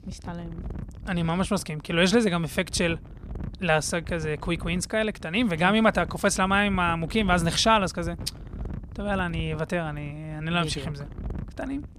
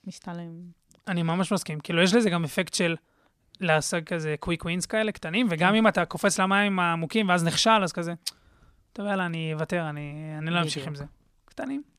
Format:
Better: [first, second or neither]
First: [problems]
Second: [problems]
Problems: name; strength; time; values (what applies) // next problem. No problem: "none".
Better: second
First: wind noise on the microphone; occasional gusts; 25 dB below the speech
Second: none